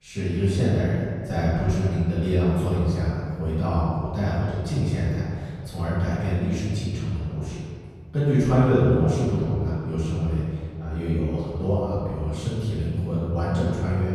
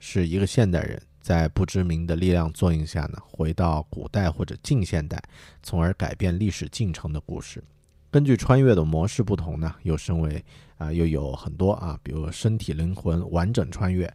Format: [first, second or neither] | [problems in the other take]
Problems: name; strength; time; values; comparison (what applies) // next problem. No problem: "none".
second | room echo; strong; dies away in 2 s // off-mic speech; far